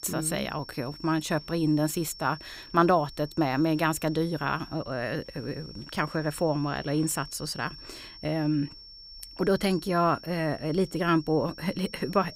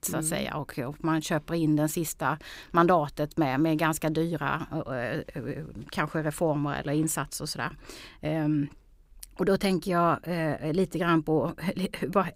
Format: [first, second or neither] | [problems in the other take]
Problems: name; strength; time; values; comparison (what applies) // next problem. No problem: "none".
second | high-pitched whine; noticeable; throughout; 5.5 kHz, 15 dB below the speech